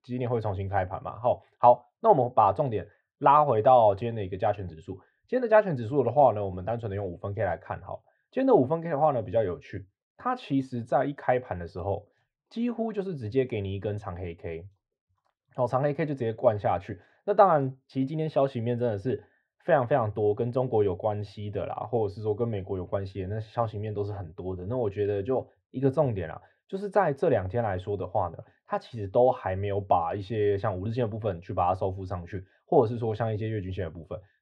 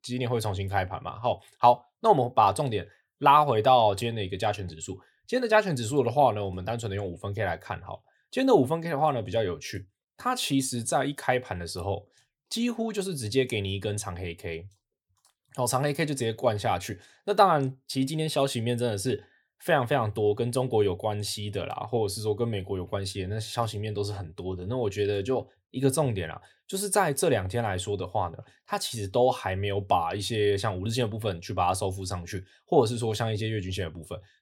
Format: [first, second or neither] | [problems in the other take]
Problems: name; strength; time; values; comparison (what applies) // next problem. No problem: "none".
second | muffled; very; fading above 1.5 kHz